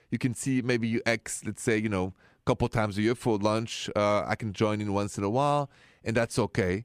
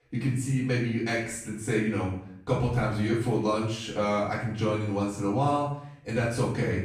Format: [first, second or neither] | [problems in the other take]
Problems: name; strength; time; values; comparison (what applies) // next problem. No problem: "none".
first | off-mic speech; far // room echo; noticeable; dies away in 0.6 s